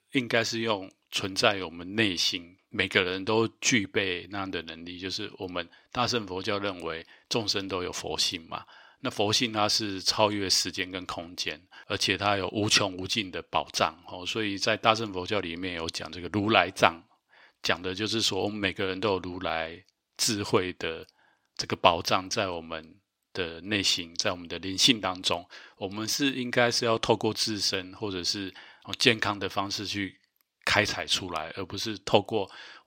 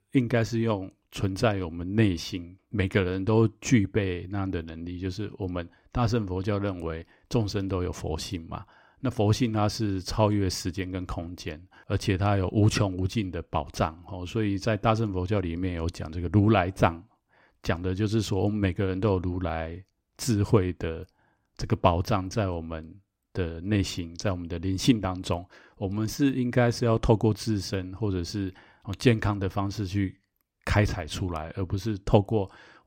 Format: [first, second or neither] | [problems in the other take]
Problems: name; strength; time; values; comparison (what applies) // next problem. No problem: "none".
second | thin; somewhat; fading below 650 Hz